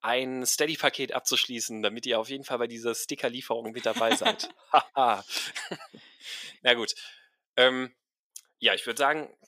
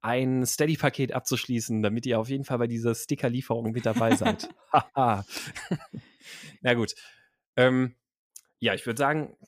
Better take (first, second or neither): second